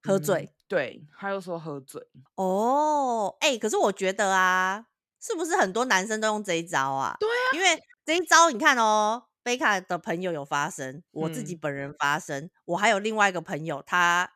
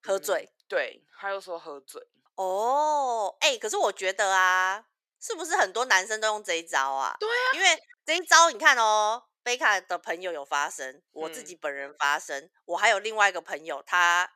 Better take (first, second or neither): first